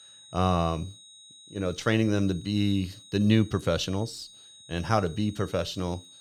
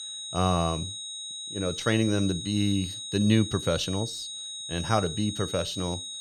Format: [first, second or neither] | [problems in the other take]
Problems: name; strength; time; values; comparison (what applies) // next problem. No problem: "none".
first | high-pitched whine; loud; throughout; 4 kHz, 7 dB below the speech; faint in the first